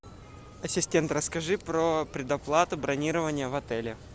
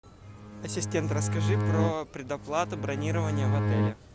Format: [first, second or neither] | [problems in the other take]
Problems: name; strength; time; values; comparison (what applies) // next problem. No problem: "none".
first | background sound (Bowed string instrument); 5 dB above the speech